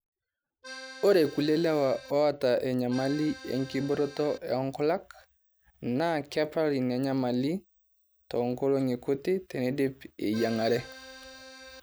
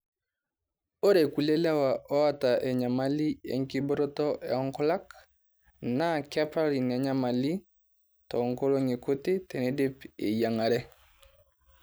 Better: second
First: background sound (Accordion); 16 dB below the speech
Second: none

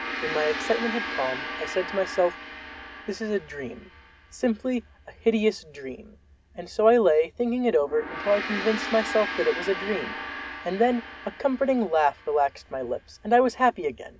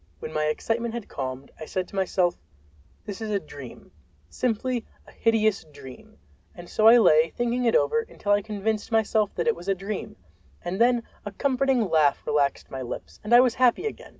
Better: second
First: background sound (Gong); 10 dB below the speech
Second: none

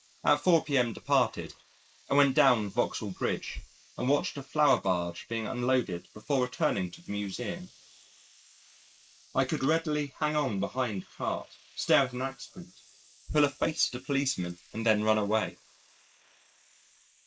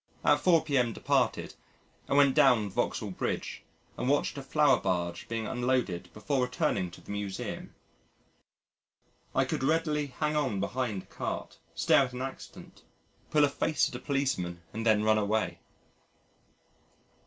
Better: second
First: noise reduction (neural mask model Resemble Enhance denoiser)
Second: none

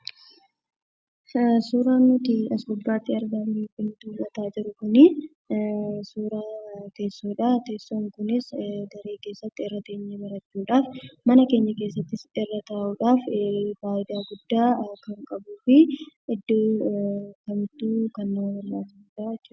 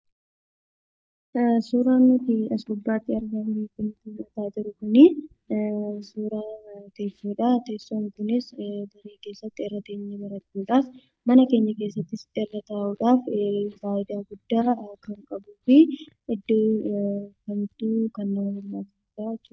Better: first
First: none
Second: noise reduction (neural mask model DeepFilterNet 3)

